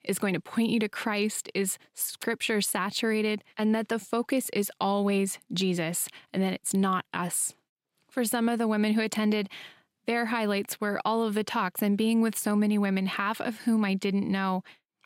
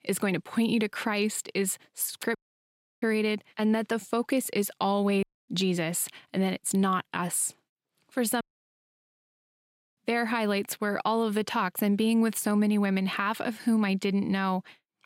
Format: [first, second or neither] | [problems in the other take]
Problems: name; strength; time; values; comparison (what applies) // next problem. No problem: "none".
first | audio cutting out; at 2.5 s for 0.5 s, at 5 s and at 8.5 s for 1.5 s